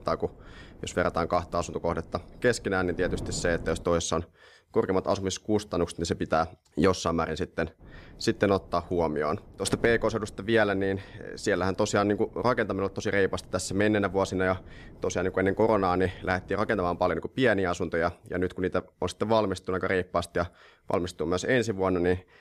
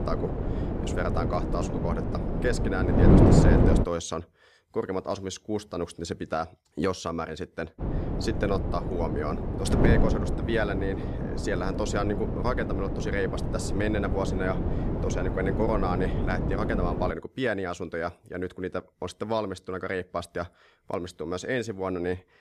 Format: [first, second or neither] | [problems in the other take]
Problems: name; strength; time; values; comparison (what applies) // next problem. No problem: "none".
first | wind noise on the microphone; heavy; until 4 s and from 8 to 17 s; 1 dB below the speech; occasional gusts in the first